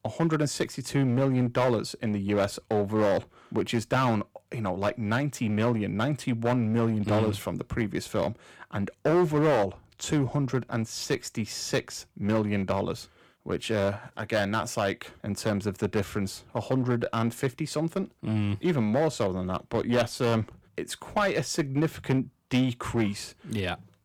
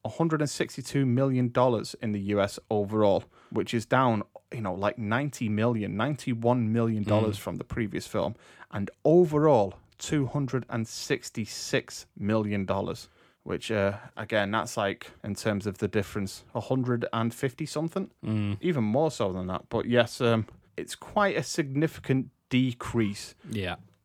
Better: second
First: distortion; slight; 7% of the sound clipped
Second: none

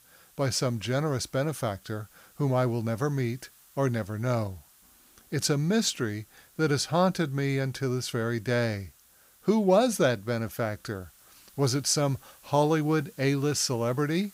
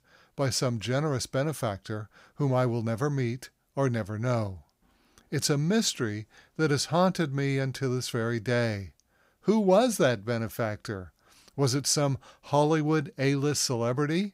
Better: second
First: hiss; faint; throughout; 25 dB below the speech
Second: none

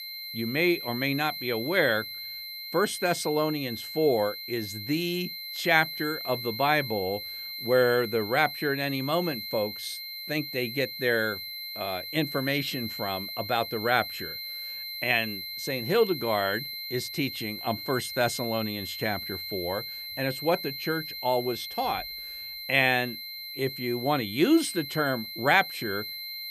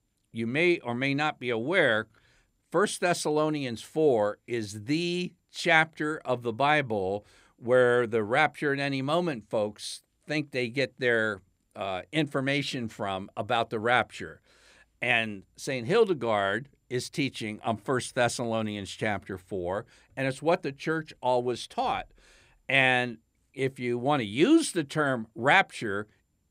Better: second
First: high-pitched whine; loud; throughout; 4 kHz, 7 dB below the speech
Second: none

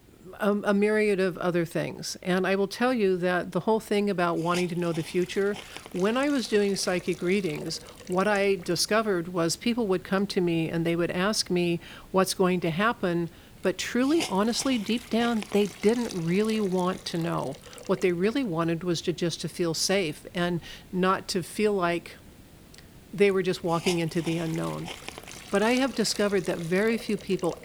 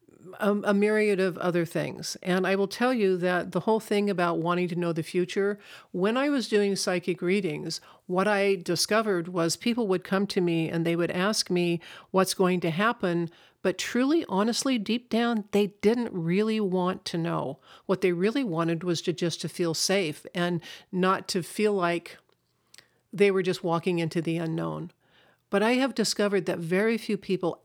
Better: second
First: hiss; noticeable; throughout; 15 dB below the speech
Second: none

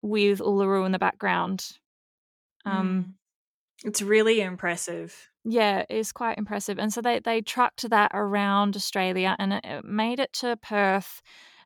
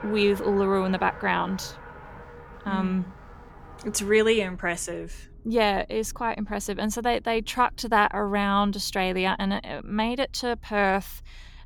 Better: first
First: none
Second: traffic noise; noticeable; throughout; 20 dB below the speech

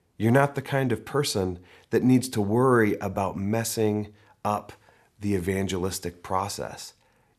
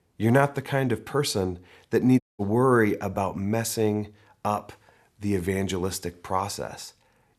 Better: first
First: none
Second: audio cutting out; at 2 s

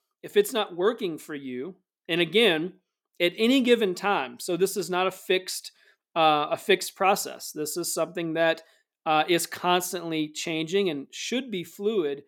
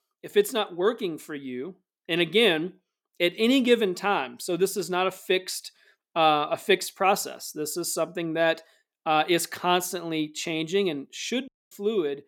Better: first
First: none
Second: audio cutting out; at 11 s

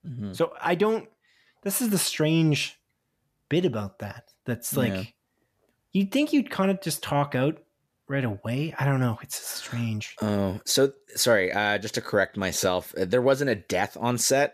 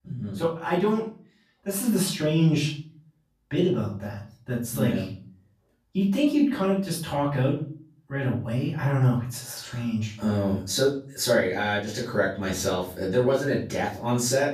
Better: first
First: none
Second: off-mic speech; far // room echo; slight; dies away in 0.4 s

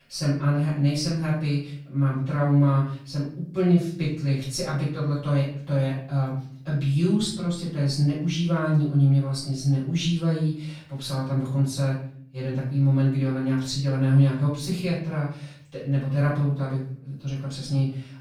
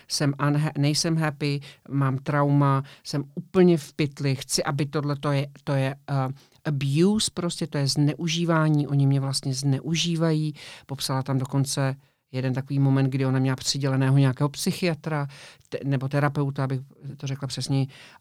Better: second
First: off-mic speech; far // room echo; noticeable; dies away in 0.5 s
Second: none

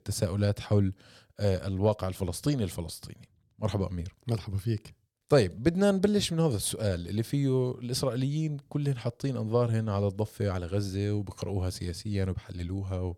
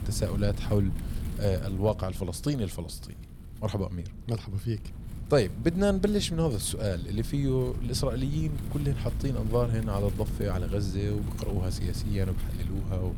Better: first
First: none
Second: wind noise on the microphone; occasional gusts; 15 dB below the speech

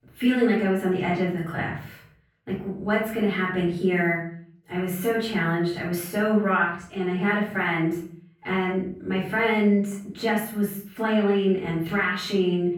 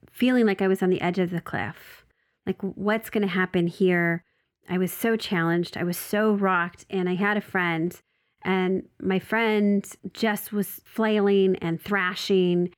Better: second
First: off-mic speech; far // room echo; noticeable; dies away in 0.5 s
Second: none

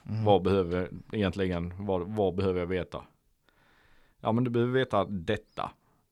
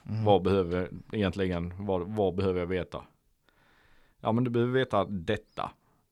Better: neither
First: none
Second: none

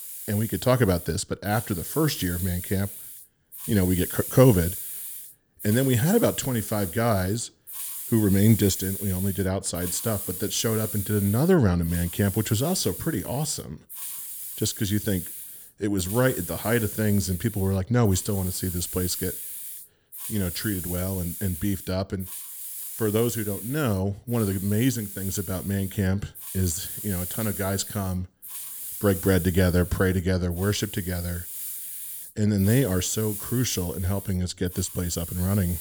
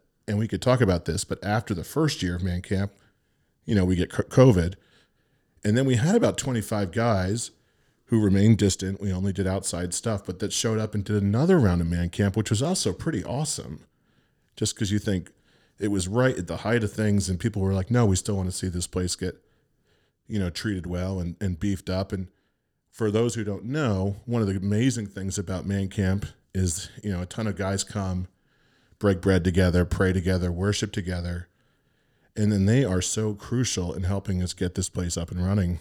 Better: second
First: hiss; loud; throughout; 8 dB below the speech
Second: none

